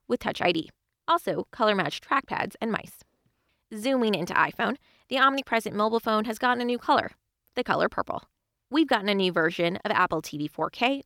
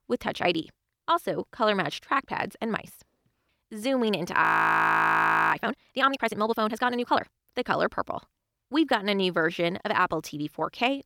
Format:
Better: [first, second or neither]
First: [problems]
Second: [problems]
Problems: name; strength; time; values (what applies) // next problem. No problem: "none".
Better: first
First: none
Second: audio freezing; at 4.5 s for 1 s